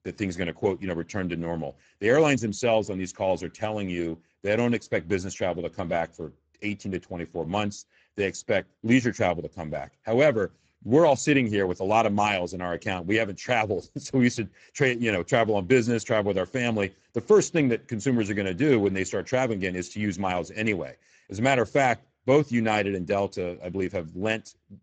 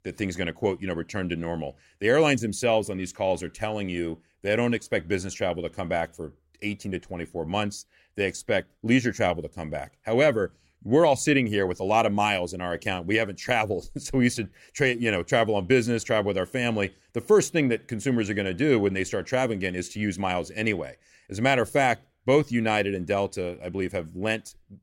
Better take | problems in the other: second | garbled, watery; badly; nothing above 7.5 kHz

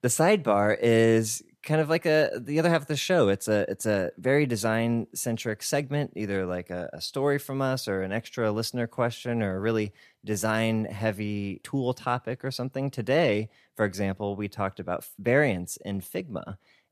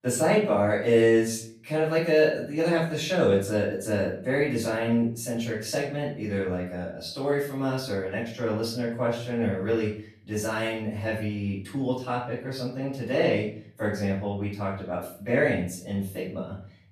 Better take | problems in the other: first | off-mic speech; far // room echo; noticeable; dies away in 0.4 s

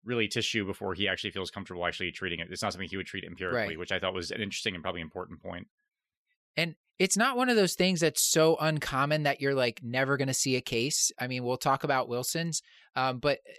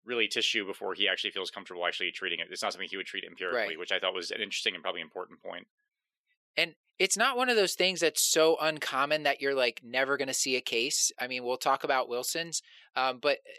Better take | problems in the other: first | thin; somewhat; fading below 400 Hz

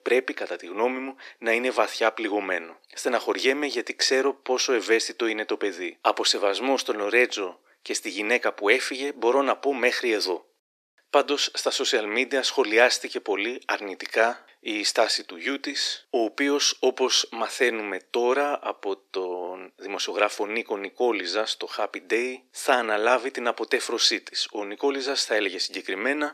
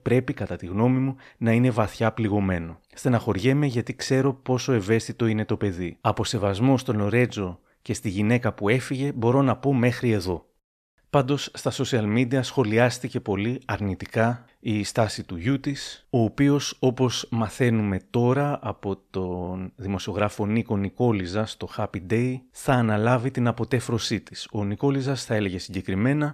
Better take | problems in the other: second | thin; very; fading below 350 Hz

